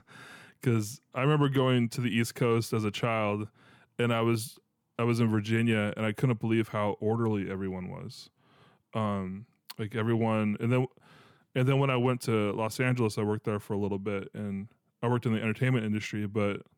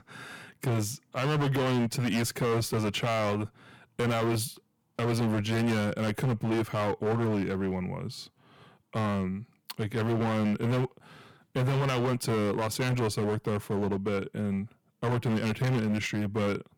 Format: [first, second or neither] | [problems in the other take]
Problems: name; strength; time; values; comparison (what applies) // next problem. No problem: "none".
first | distortion; heavy; 19% of the sound clipped